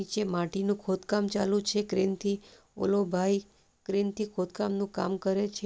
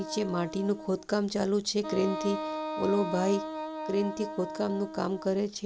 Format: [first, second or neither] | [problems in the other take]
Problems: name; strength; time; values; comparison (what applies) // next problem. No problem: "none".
first | background sound (Wind instrument, woodwind instrument); 8 dB below the speech